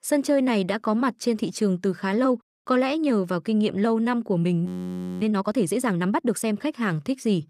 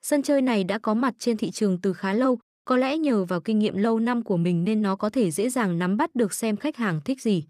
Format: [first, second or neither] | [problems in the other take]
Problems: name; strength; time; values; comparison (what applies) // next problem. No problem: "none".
second | audio freezing; at 4.5 s for 0.5 s